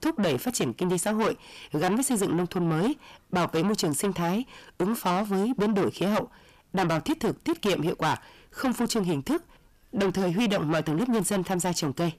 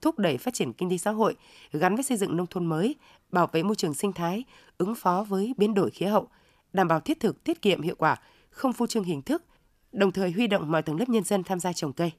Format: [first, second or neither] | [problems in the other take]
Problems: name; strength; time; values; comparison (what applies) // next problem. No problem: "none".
second | distortion; heavy; 6 dB below the speech